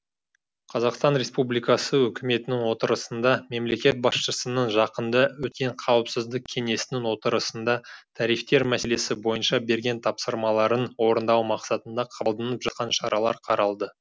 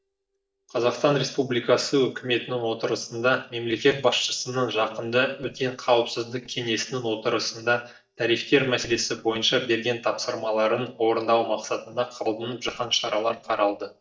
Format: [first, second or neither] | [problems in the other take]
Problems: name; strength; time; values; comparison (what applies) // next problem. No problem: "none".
first | noise reduction (neural mask model DeepFilterNet 3)